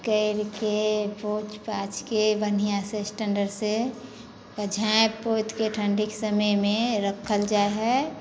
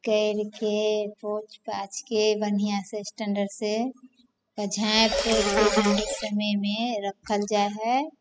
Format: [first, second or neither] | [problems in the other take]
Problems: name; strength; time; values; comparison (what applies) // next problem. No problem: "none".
first | noise reduction (classical method spectral subtraction)